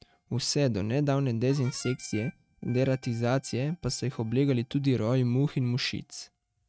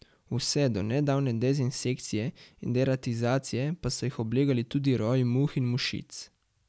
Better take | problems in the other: second | noise reduction (neural mask model RNNoise)

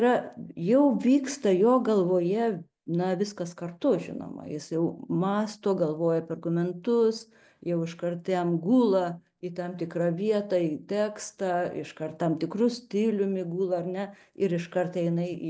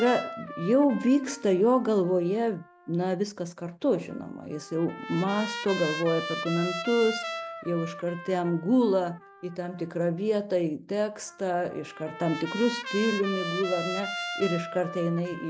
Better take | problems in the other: first | background sound (Trumpet); 10 dB below the speech

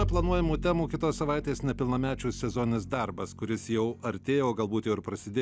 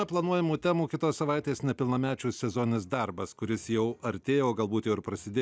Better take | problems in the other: second | background sound (Bowed string instrument); 8 dB below the speech

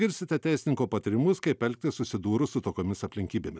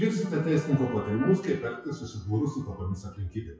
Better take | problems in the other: first | noise reduction (classical method WPE with log-MMSE)

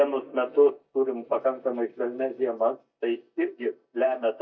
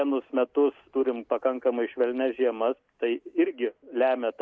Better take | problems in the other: second | noise reduction (neural mask model DeepFilterNet 3)

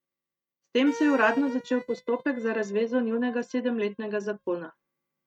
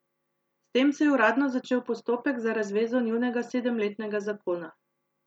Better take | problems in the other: second | noise reduction (neural mask model RNNoise)

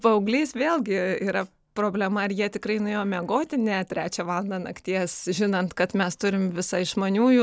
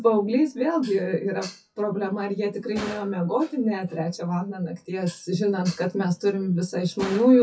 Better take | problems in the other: first | noise reduction (classical method WPE with log-MMSE)

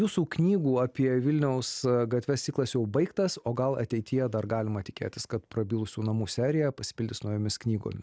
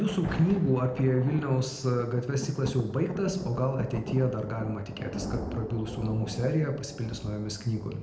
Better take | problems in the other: first | background sound (Thunder); 10 dB below the speech // room echo; dies away in 0.7 s

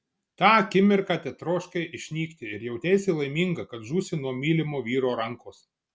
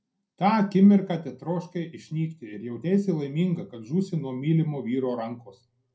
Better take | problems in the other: first | room echo; dies away in 0.2 s

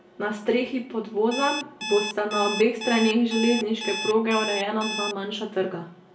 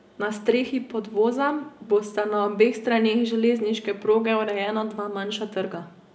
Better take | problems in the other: second | background sound (Alarm); 7 dB below the speech // room echo; dies away in 0.3 s

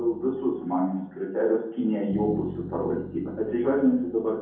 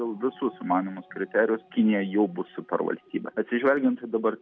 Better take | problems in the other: second | background sound (Bass guitar); 16 dB below the speech // room echo; dies away in 0.7 s

